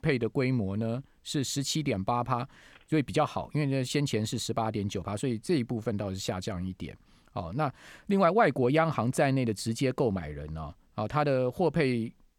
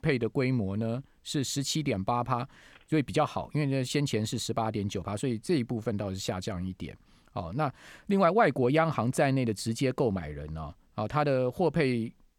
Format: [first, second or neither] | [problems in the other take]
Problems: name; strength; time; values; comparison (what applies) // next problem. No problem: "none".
neither | none